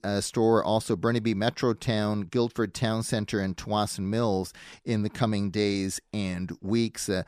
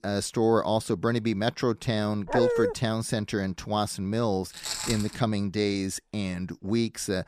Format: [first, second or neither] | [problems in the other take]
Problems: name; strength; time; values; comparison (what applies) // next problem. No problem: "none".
first | dog barking; loud; at 2.5 s; peak 3 dB above the speech // footsteps; noticeable; at 4.5 s; peak 2 dB below the speech